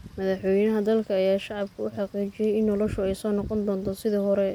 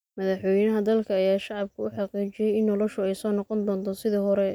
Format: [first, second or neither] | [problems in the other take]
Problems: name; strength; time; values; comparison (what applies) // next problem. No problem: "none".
second | background sound (Wind / Rain); 18 dB below the speech